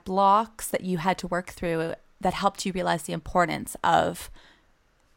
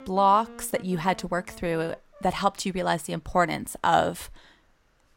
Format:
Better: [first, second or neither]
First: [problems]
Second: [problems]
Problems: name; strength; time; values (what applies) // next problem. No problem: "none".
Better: first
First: none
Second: background music; faint; until 2.5 s; 25 dB below the speech